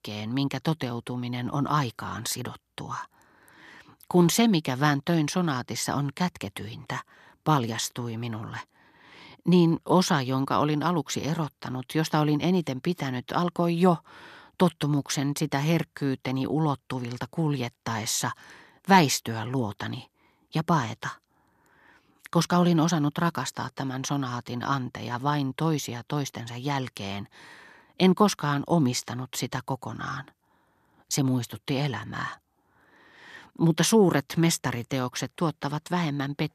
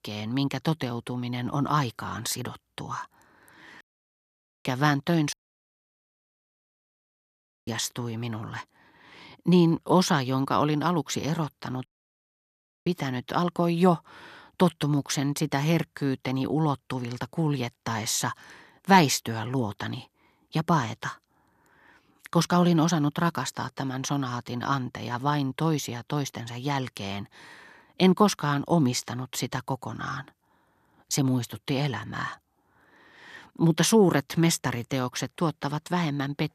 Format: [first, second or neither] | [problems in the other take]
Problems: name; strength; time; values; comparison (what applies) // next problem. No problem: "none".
first | audio cutting out; at 4 s for 1 s, at 5.5 s for 2.5 s and at 12 s for 1 s